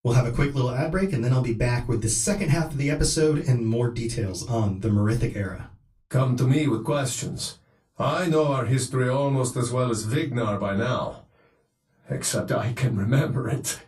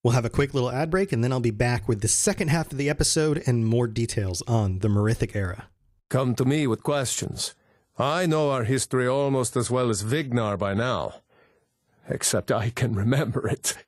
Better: second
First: off-mic speech; far // room echo; very slight; dies away in 0.2 s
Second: none

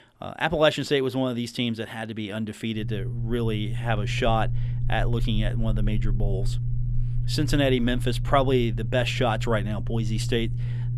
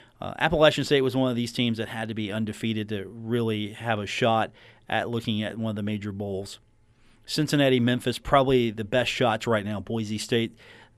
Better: second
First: low rumble; noticeable; from 3 s on; 15 dB below the speech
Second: none

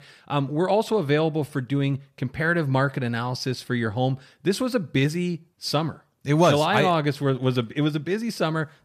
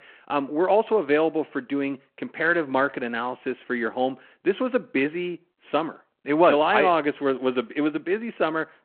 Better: first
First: none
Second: phone-call audio

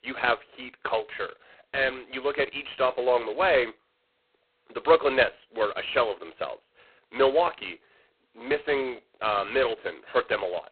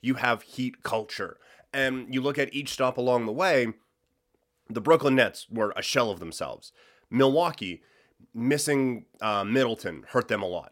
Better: second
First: phone-call audio; poor line; nothing above 4 kHz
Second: none

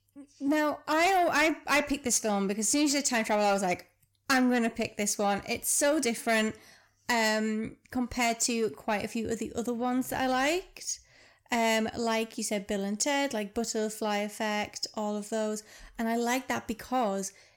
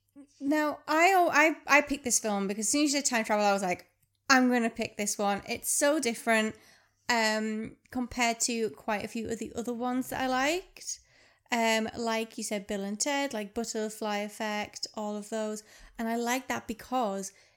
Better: second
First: distortion; slight; 10 dB below the speech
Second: none

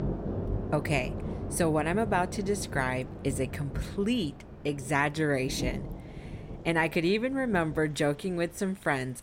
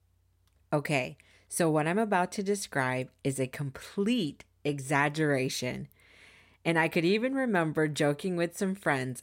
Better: second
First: rain or running water; loud; throughout; 9 dB below the speech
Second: none

